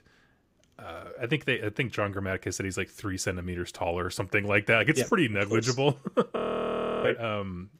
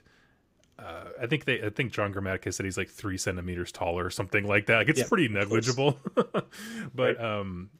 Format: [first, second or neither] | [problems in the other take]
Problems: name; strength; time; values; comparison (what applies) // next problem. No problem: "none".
second | audio freezing; at 6.5 s for 0.5 s